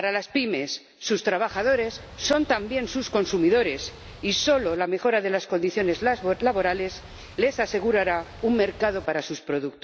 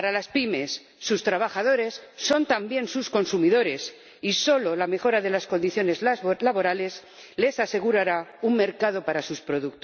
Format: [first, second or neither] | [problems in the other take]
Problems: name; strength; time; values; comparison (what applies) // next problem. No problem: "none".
second | background sound (Boat, Water vehicle); 19 dB below the speech